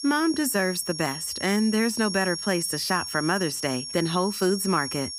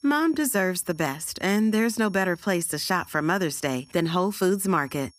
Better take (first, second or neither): second